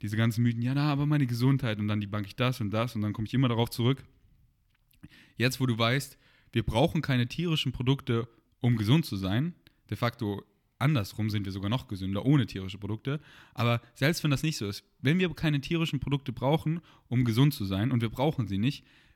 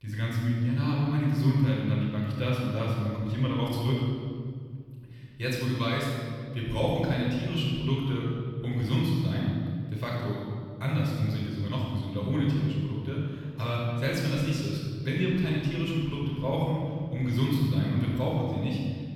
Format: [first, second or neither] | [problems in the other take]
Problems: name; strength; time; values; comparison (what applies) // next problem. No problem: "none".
first | room echo; strong; dies away in 2 s // off-mic speech; far